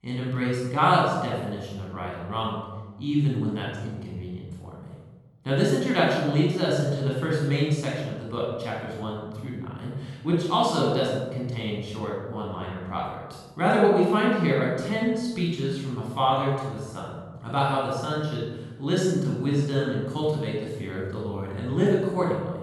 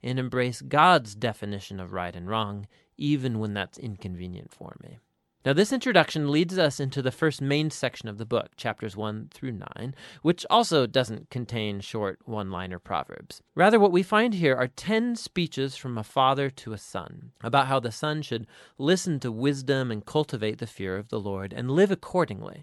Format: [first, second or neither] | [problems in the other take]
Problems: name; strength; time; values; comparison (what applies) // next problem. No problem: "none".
second | off-mic speech; far // room echo; strong; dies away in 1.1 s